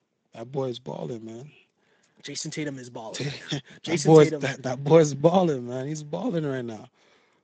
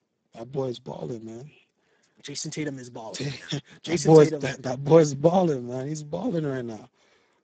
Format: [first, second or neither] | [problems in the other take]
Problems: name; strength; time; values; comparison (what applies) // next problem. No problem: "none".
first | garbled, watery; badly; nothing above 7.5 kHz; slightly in the first